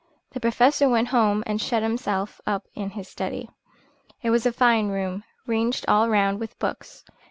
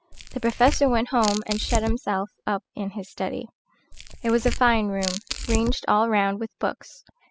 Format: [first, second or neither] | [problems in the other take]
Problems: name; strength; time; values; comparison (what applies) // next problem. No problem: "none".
first | noise reduction (classical method spectral subtraction)